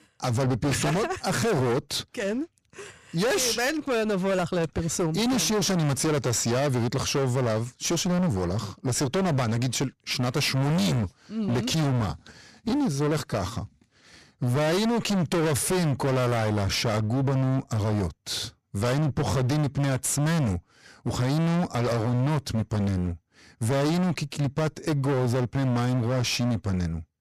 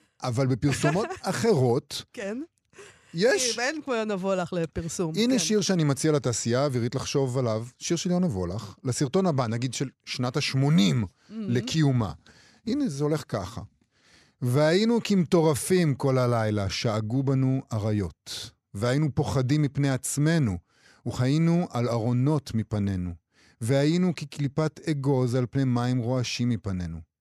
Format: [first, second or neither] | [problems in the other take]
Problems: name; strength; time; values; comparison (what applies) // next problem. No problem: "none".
second | distortion; heavy; 33% of the sound clipped